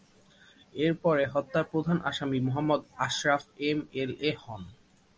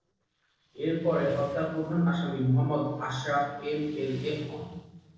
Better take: first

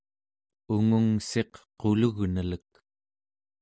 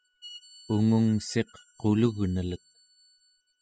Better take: first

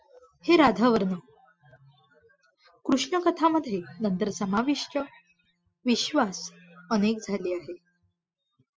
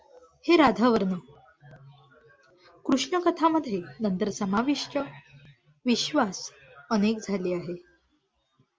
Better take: second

